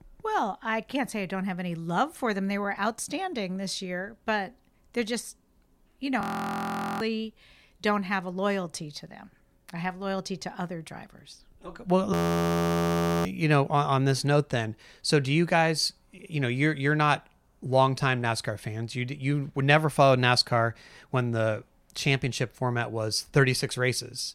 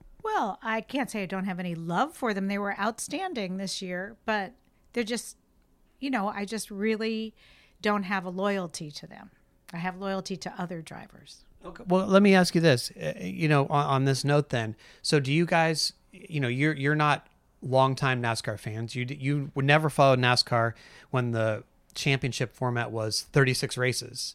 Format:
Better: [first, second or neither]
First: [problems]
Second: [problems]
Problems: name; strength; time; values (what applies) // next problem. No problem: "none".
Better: second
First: audio freezing; at 6 s for 1 s and at 12 s for 1 s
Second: none